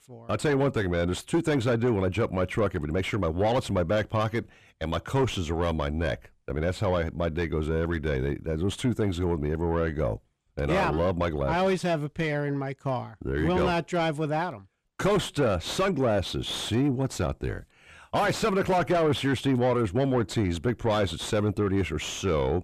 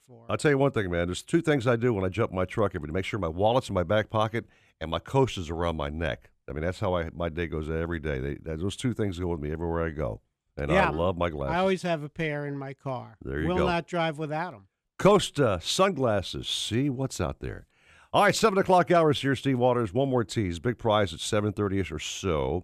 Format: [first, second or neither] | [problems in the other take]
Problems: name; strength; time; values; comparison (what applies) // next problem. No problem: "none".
second | distortion; heavy; 7 dB below the speech